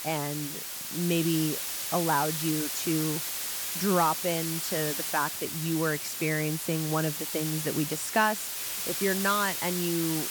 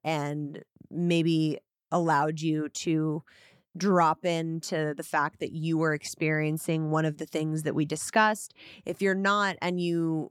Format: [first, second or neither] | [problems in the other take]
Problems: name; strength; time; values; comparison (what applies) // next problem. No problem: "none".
second | hiss; loud; throughout; 2 dB below the speech